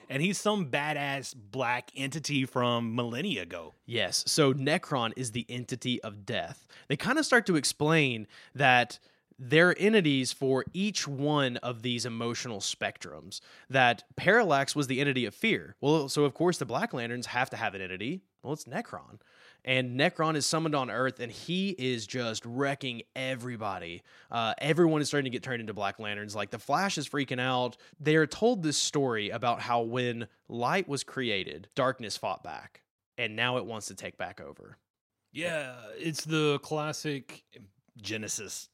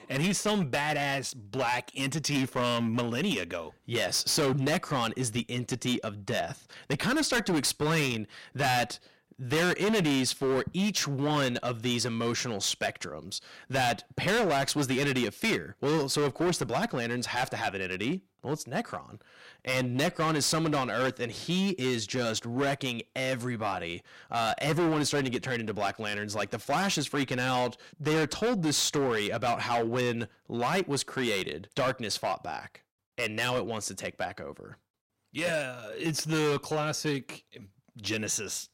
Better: first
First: none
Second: distortion; heavy; 13% of the sound clipped

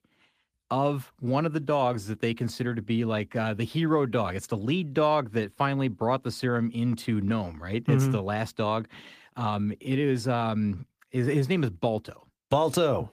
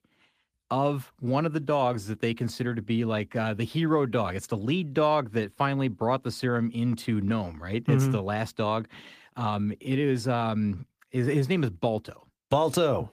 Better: neither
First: garbled, watery; slightly; nothing above 15 kHz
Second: garbled, watery; slightly; nothing above 15 kHz

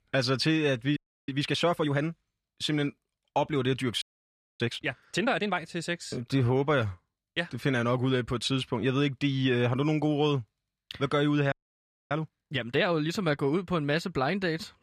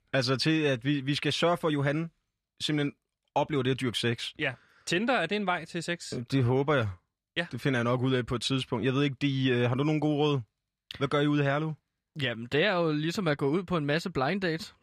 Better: second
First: audio freezing; at 1 s, at 4 s for 0.5 s and at 12 s for 0.5 s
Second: none

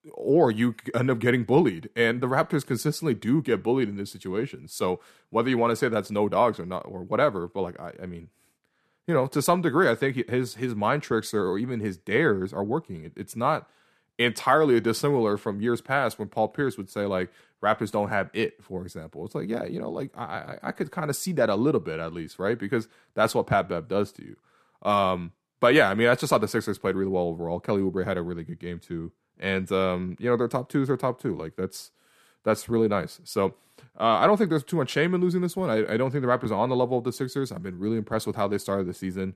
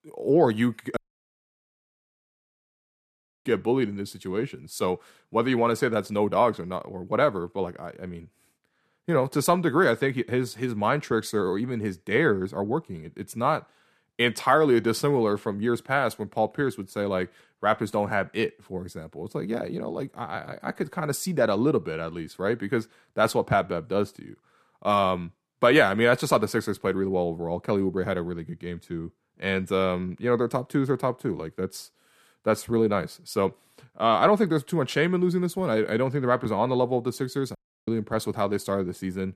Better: first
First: none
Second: audio cutting out; at 1 s for 2.5 s and at 38 s

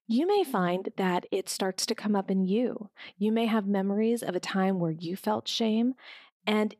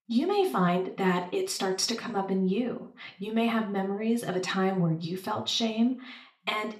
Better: first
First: none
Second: room echo; very slight; dies away in 0.3 s // off-mic speech; somewhat distant

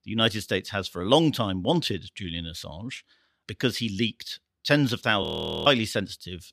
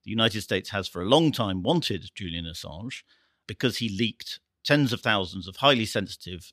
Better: second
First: audio freezing; at 5 s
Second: none

